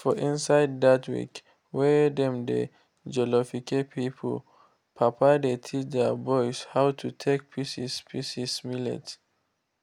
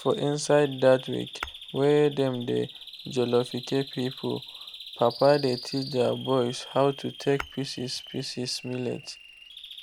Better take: first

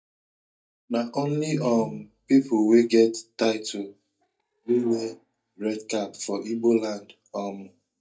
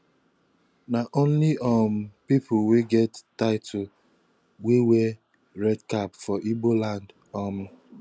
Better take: second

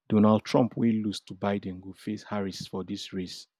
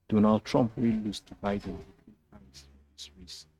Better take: first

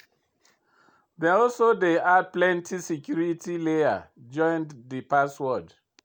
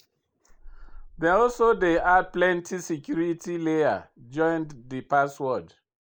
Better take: first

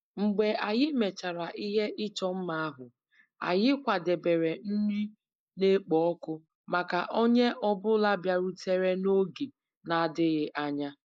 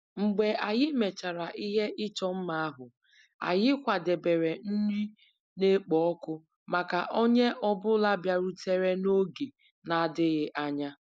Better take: second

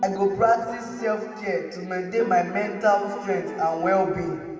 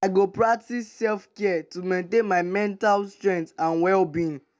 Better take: second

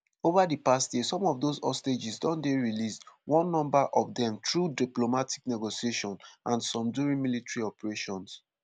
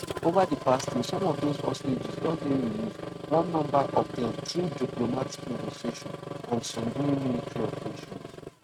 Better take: first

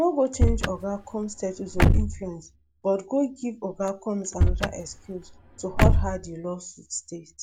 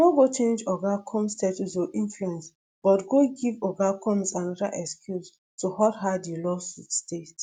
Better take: second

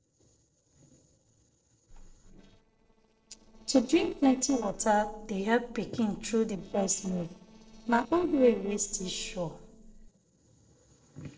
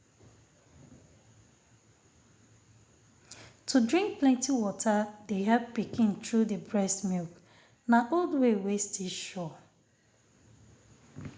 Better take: second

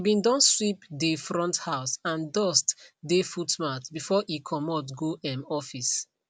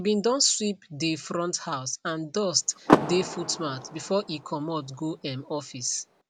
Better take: first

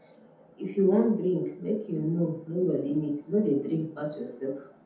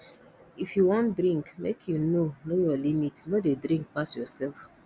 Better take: second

